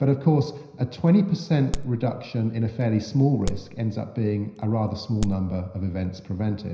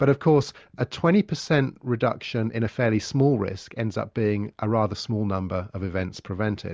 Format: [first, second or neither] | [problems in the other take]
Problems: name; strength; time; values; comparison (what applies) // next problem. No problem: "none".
second | background sound (Crack); 11 dB below the speech // room echo; dies away in 0.9 s